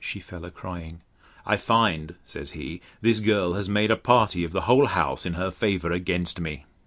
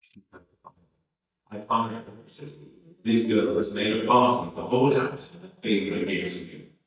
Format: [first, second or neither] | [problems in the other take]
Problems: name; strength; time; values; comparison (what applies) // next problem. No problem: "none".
first | noise reduction (neural mask model DeepFilterNet 3)